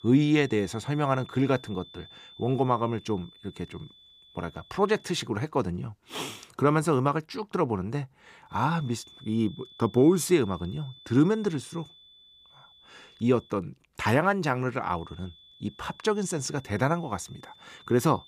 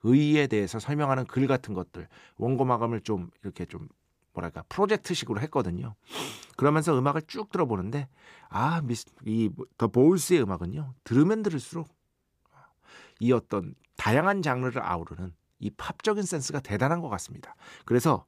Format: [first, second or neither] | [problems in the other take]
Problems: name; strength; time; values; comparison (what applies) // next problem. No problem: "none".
second | high-pitched whine; faint; until 5.5 s, from 8.5 to 14 s and from 15 s on; 3.5 kHz, 25 dB below the speech